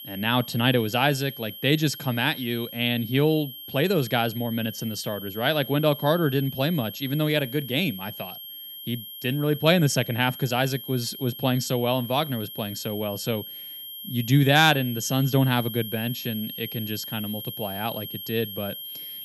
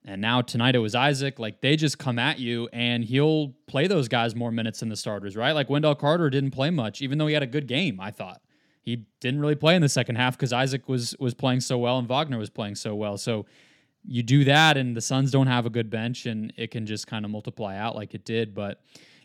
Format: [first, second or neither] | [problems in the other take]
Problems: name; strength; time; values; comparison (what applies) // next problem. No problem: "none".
second | high-pitched whine; noticeable; throughout; 3 kHz, 10 dB below the speech